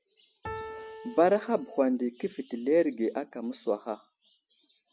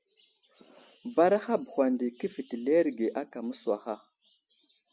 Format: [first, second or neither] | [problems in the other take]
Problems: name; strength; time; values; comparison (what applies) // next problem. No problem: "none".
second | background sound (Piano); 12 dB below the speech